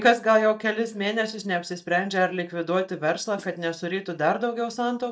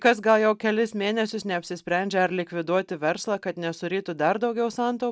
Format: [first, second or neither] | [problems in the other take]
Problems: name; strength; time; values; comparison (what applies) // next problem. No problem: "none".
second | noise reduction (neural mask model DeepFilterNet 3)